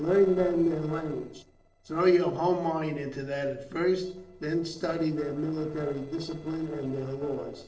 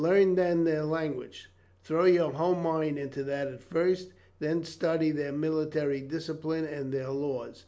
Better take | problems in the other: second | noise reduction (neural separator model SepFormer DNS4)

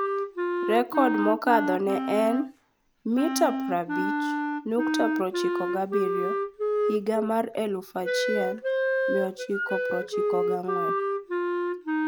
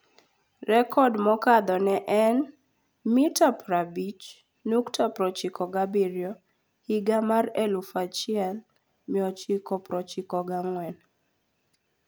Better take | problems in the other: second | background sound (Wind instrument, woodwind instrument); 1 dB above the speech

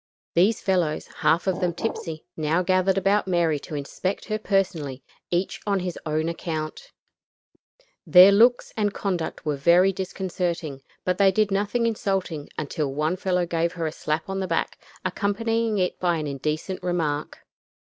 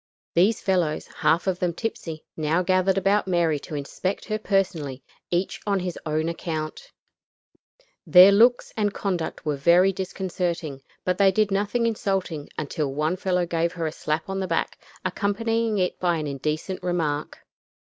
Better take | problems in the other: second | background sound (Glass); 10 dB below the speech

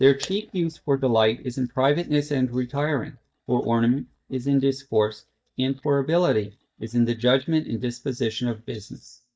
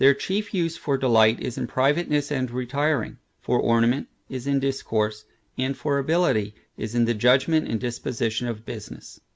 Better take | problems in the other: second | noise reduction (neural mask model DeepFilterNet 3)

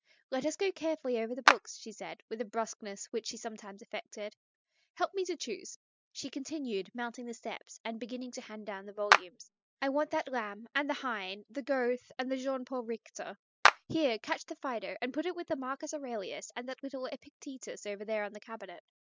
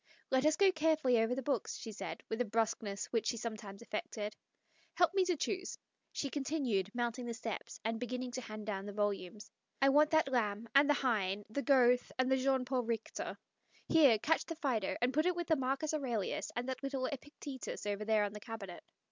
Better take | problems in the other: second | noise reduction (classical method spectral subtraction)

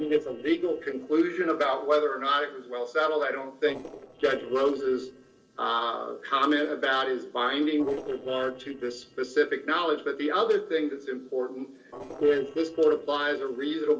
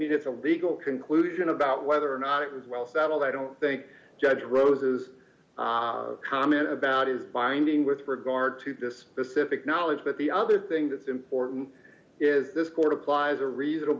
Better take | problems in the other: second | noise reduction (neural separator model SepFormer DNS4)

